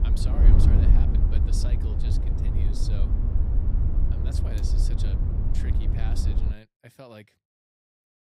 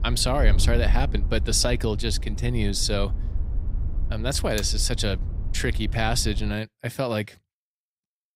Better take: second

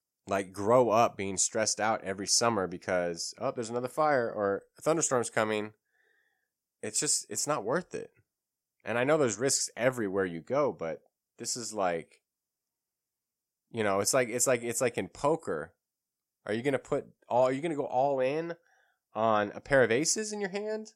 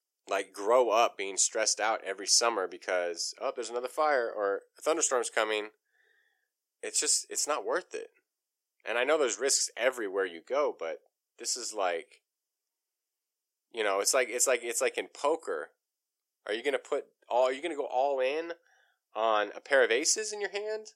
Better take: first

